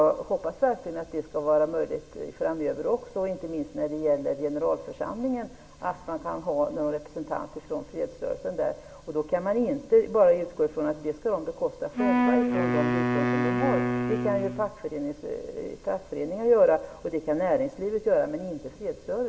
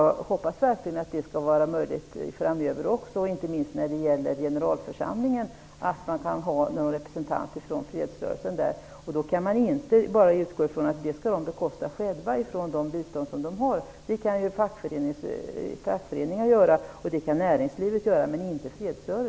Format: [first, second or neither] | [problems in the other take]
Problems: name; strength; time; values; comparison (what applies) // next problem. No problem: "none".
second | background sound (Wind instrument, woodwind instrument); 1 dB above the speech // room echo; dies away in 0.3 s